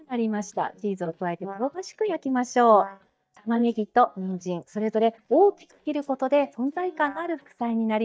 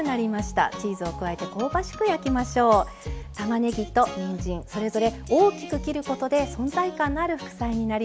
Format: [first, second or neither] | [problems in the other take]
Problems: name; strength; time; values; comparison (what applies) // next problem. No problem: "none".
second | noise reduction (neural mask model DeepFilterNet 3)